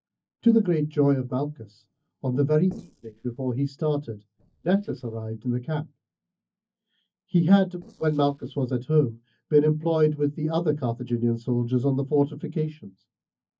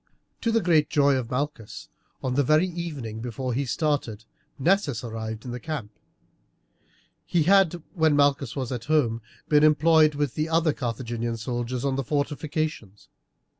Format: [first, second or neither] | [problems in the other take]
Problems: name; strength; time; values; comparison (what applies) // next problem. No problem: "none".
second | noise reduction (neural mask model DeepFilterNet 3)